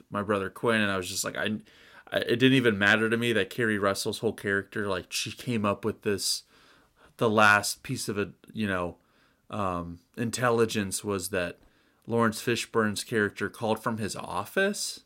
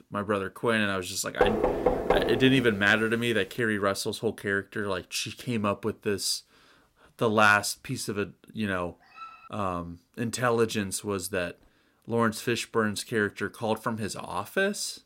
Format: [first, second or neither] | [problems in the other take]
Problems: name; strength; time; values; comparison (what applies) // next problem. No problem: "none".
first | door banging; loud; from 1.5 to 2.5 s; peak 2 dB above the speech // dog barking; faint; at 9 s; peak 15 dB below the speech